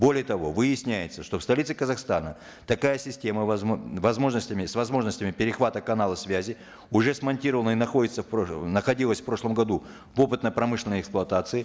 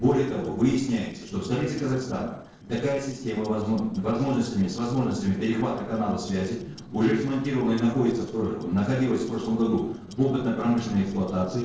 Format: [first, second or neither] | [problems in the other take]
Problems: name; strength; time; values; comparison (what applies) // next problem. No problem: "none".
first | noise reduction (neural separator model SepFormer DNS4)